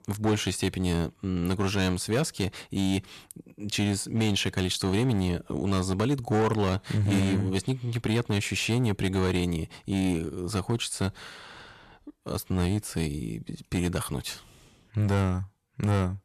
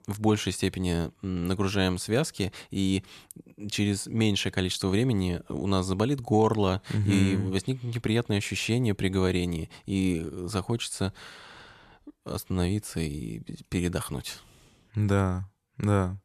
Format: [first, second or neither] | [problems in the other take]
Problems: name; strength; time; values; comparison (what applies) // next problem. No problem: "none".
second | distortion; slight; 7% of the sound clipped